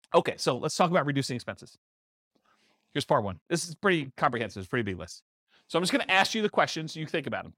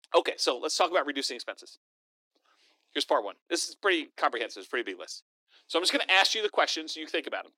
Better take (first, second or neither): first